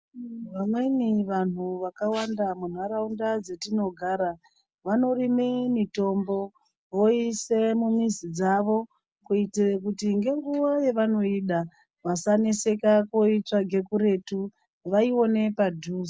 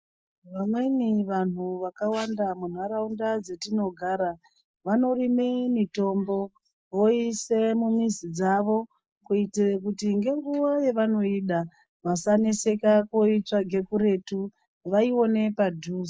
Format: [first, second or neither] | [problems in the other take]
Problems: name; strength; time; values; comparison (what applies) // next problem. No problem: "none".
first | noise reduction (neural mask model Resemble Enhance denoiser)